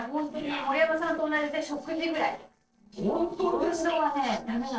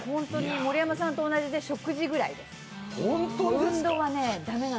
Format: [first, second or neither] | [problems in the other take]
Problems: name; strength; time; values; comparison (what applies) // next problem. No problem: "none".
second | noise reduction (neural separator model SepFormer DNS4)